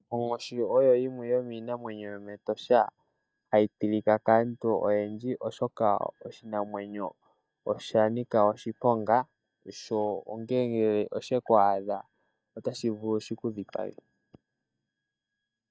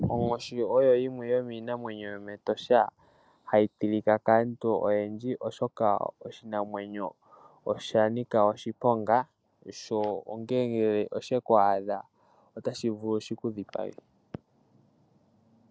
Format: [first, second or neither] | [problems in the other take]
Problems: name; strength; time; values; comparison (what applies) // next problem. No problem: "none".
second | noise reduction (neural mask model DeepFilterNet 3)